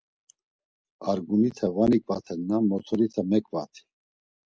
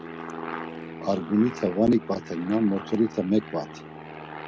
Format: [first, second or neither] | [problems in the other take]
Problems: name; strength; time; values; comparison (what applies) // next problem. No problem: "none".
first | background sound (Aircraft); 12 dB below the speech